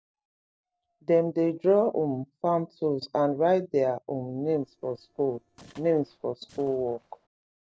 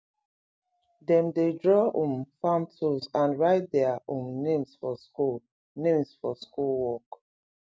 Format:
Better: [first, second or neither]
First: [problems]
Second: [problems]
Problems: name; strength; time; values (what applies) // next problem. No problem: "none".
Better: second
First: noise reduction (neural separator model SepFormer DNS4)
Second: none